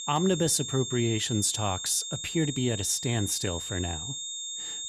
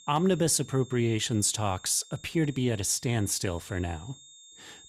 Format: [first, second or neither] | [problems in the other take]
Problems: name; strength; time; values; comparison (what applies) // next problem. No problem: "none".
second | high-pitched whine; loud; throughout; 3.5 kHz, 6 dB below the speech; faint in the second